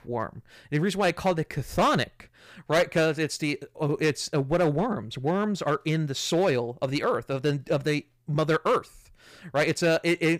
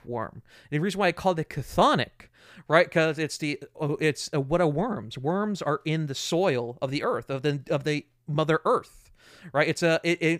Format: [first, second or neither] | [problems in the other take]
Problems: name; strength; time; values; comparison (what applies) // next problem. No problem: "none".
second | distortion; slight; 4% of the sound clipped